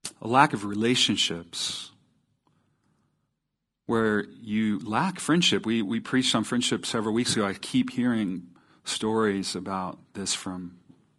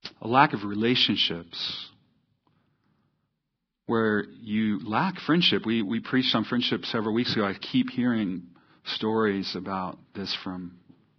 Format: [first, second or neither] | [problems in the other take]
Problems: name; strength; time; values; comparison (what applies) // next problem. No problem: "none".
first | garbled, watery; badly; nothing above 5 kHz; slightly in the first